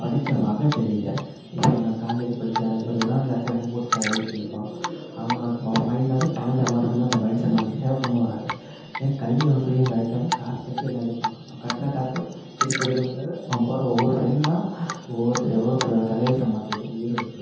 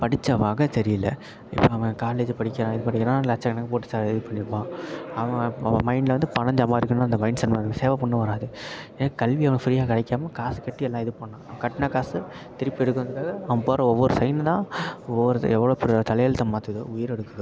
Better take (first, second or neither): second